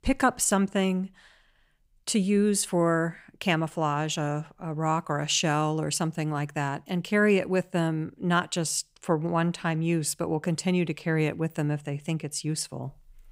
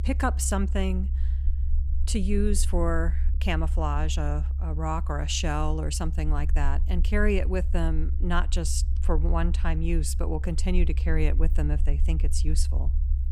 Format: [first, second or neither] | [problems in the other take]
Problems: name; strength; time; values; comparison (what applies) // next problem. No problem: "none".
first | low rumble; noticeable; throughout; 15 dB below the speech